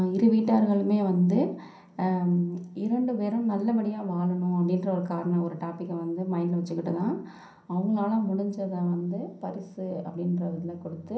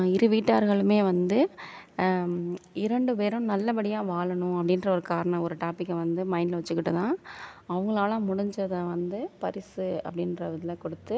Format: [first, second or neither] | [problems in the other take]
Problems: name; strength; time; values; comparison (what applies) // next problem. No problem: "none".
second | room echo; dies away in 0.6 s